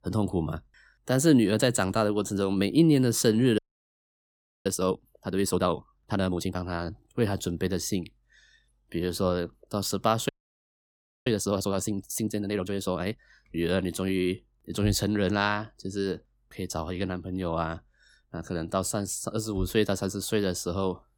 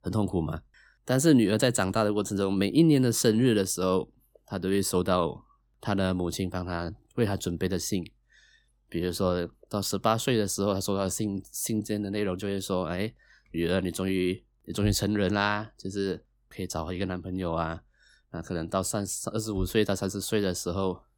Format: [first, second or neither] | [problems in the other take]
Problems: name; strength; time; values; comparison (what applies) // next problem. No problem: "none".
second | audio freezing; at 3.5 s for 1 s and at 10 s for 1 s